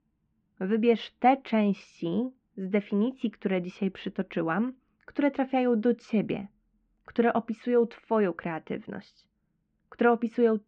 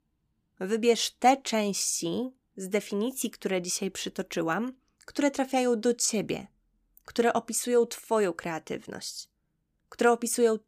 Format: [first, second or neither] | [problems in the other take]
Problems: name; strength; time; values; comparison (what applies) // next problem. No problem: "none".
second | muffled; very; fading above 2.5 kHz